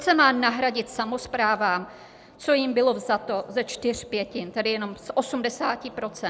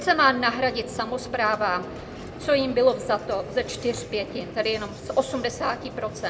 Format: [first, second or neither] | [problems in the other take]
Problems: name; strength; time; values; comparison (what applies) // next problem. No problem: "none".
first | background sound (Vehicle); 13 dB below the speech // room echo; dies away in 0.5 s